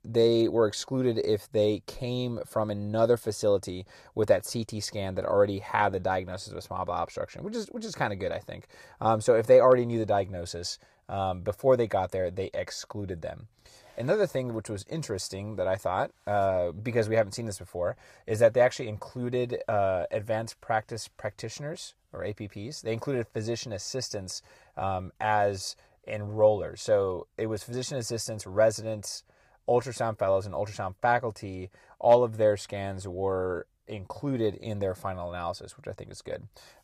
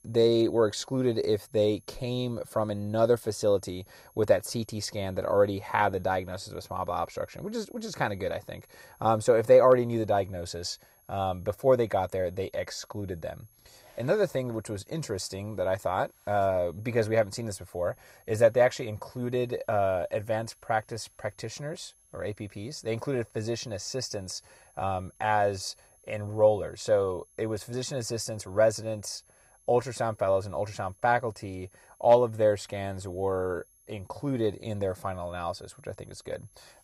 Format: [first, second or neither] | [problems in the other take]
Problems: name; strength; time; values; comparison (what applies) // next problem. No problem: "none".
first | high-pitched whine; faint; throughout; 11.5 kHz, 30 dB below the speech